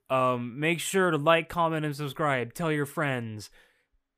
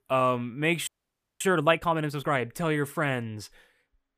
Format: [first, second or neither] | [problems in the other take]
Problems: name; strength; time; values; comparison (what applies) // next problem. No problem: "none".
first | audio freezing; at 1 s for 0.5 s